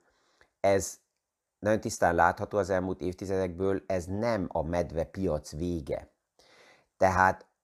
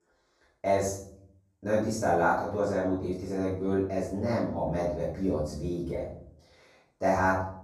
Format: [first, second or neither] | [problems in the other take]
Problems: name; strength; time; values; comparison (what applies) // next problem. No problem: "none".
first | off-mic speech; far // room echo; noticeable; dies away in 0.6 s